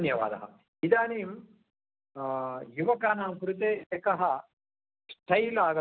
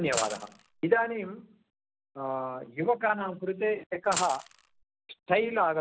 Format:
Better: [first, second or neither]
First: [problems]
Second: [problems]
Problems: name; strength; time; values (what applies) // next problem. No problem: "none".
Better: first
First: none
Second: background sound (Coin (dropping)); 7 dB below the speech